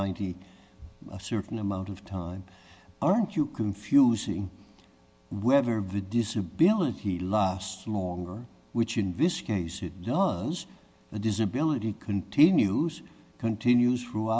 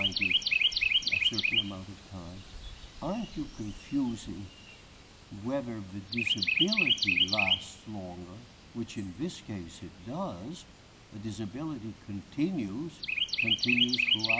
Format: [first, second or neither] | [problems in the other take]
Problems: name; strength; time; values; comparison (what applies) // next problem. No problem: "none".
first | background sound (Chirp, tweet); 4 dB above the speech